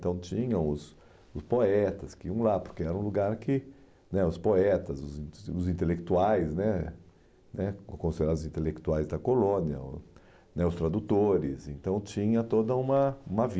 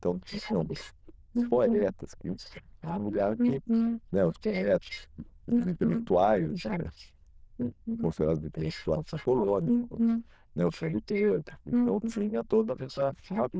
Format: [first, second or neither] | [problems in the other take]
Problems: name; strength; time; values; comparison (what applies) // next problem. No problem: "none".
first | noise reduction (neural diffusion model UNIVERSE++)